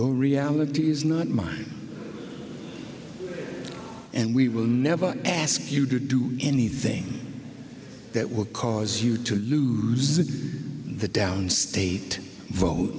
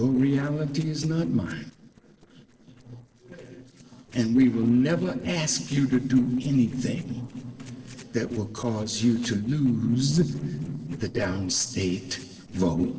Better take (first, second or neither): first